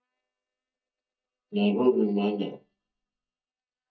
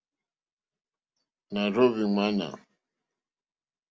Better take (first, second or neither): second